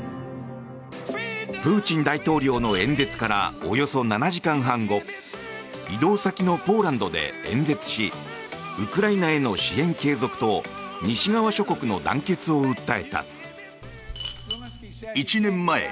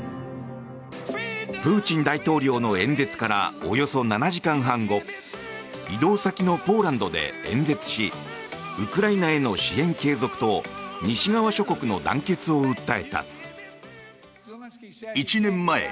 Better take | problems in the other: second | background sound (Coin (dropping)); 12 dB below the speech

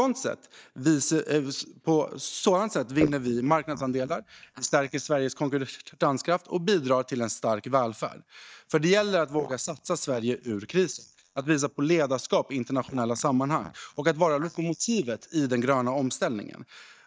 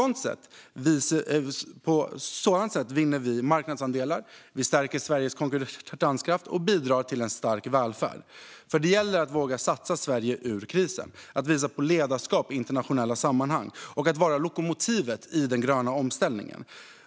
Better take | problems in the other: second | noise reduction (neural mask model DeepFilterNet 3)

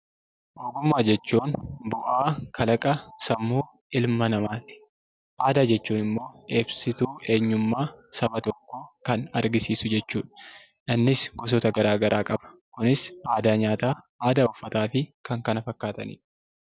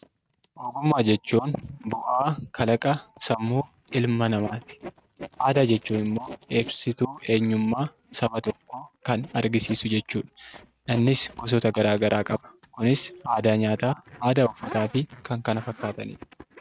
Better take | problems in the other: first | noise reduction (neural mask model RNNoise)

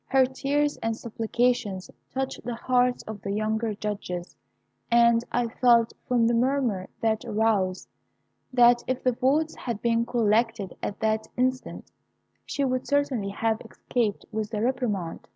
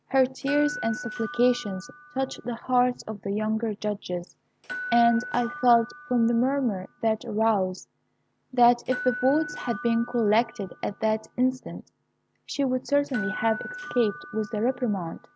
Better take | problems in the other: first | background sound (Door / Bell); 14 dB below the speech

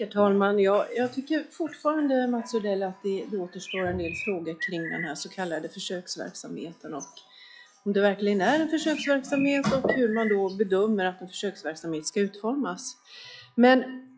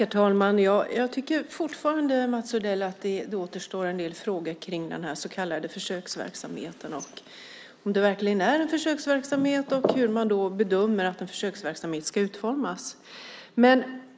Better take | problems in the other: second | noise reduction (classical method log-MMSE)

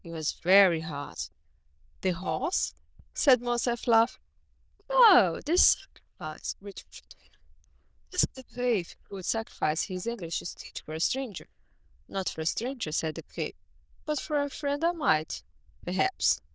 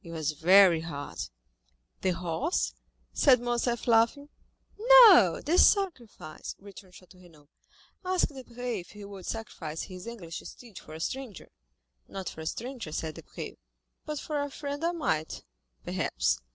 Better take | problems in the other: second | noise reduction (neural diffusion model UNIVERSE++)

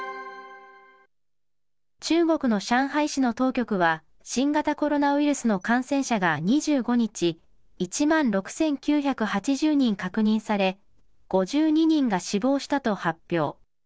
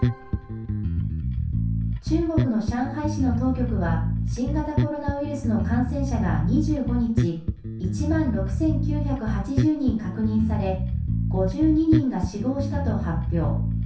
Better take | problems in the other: first | background sound (Bass guitar); 1 dB above the speech // room echo; dies away in 0.6 s

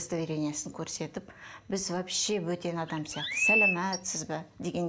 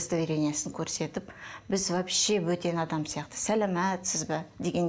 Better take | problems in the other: second | background sound (Chirp, tweet); 4 dB above the speech

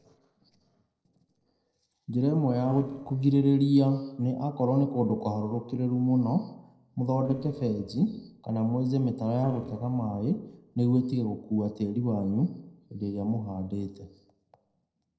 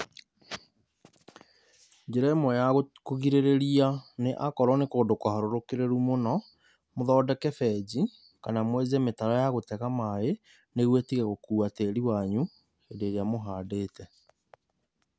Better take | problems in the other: second | noise reduction (neural separator model SepFormer DNS4)

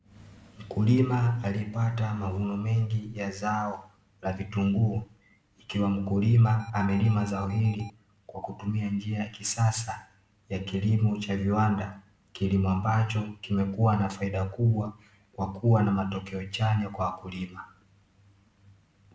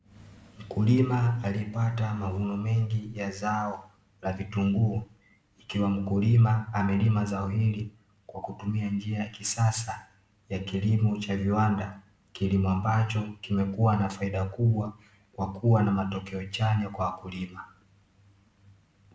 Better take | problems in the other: second | background sound (Alarm); 19 dB below the speech

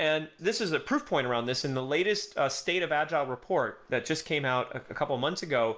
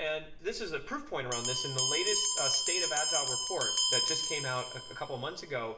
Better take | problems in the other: first | background sound (Bell); 3 dB above the speech // room echo; dies away in 1.4 s

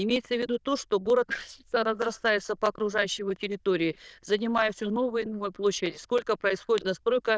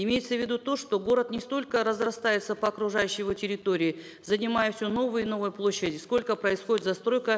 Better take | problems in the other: second | noise reduction (neural diffusion model UNIVERSE++)

